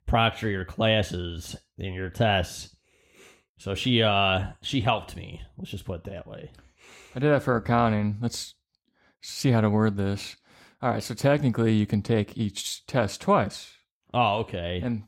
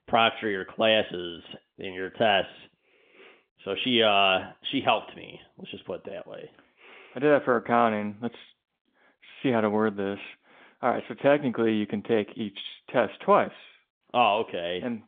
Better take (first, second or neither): first